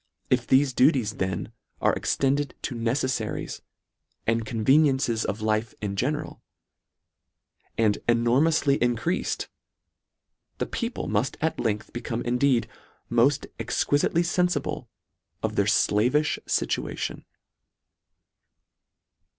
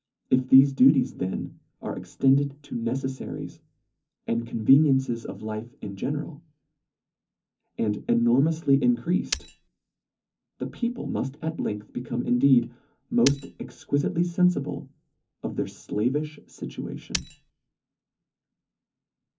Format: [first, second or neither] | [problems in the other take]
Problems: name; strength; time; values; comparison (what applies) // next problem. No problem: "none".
first | background sound (Shatter); 7 dB below the speech // room echo; dies away in 0.3 s